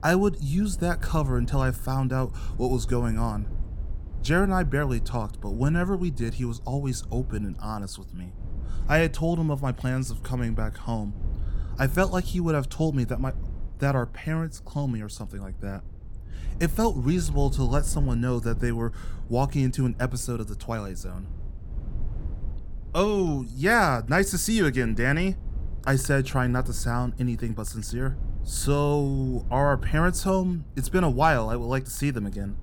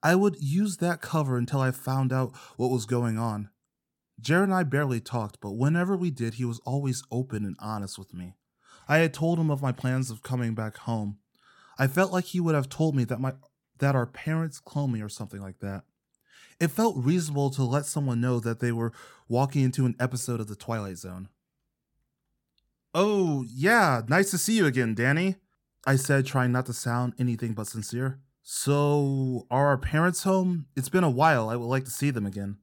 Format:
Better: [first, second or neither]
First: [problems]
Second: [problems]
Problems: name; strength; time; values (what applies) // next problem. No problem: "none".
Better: second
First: low rumble; faint; throughout; 25 dB below the speech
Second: none